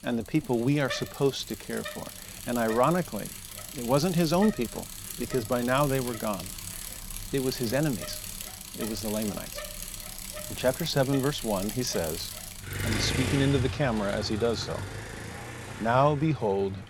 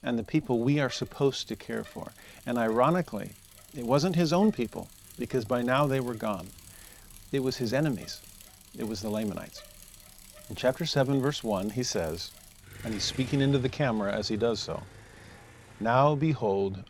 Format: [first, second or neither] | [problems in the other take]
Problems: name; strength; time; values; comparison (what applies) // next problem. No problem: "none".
second | traffic noise; loud; throughout; 8 dB below the speech; faint in the second